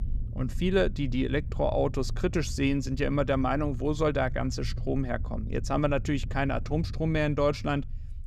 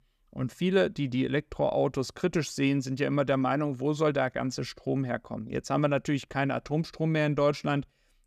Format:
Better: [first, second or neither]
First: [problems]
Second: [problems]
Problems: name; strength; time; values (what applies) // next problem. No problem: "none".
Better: second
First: low rumble; faint; throughout; 20 dB below the speech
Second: none